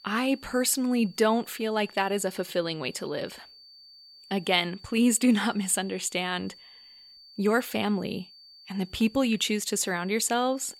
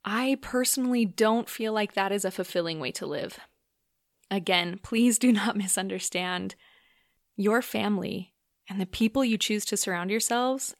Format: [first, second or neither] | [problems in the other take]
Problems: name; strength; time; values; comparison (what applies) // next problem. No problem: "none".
second | high-pitched whine; faint; throughout; 4.5 kHz, 20 dB below the speech